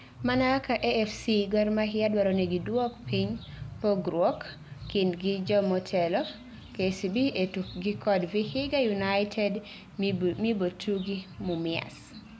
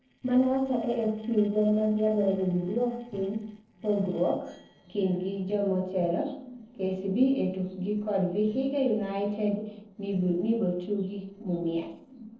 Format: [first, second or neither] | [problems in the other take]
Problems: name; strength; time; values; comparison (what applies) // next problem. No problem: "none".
first | noise reduction (neural separator model SepFormer DNS4)